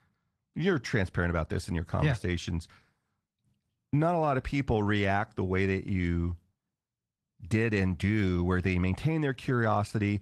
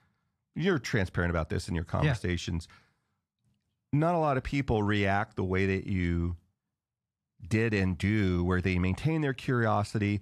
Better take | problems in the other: second | garbled, watery; slightly; nothing above 11.5 kHz

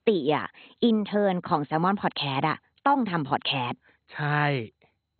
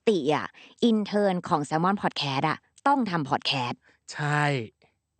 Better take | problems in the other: second | garbled, watery; badly; nothing above 4 kHz; slightly in the second

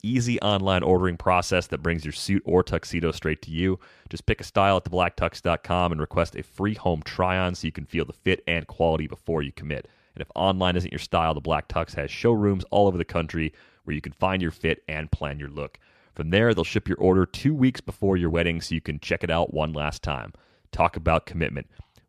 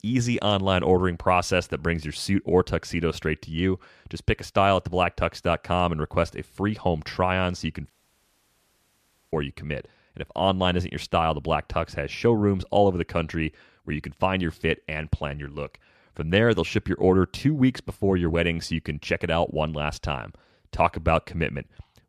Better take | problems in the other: first | audio cutting out; at 8 s for 1.5 s

